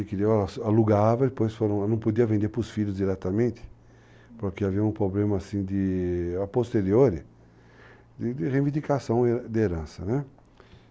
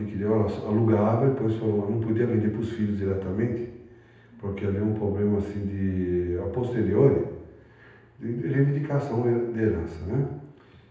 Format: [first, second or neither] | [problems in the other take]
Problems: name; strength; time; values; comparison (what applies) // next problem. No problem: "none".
first | room echo; dies away in 0.9 s